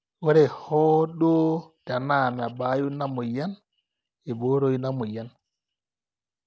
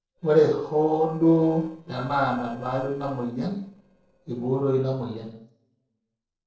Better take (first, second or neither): first